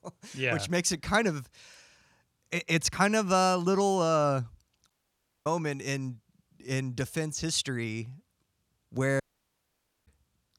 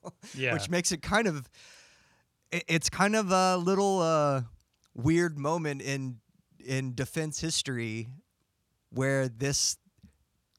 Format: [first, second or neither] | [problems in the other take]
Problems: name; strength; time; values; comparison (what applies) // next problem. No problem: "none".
second | audio cutting out; at 5 s for 0.5 s and at 9 s for 1 s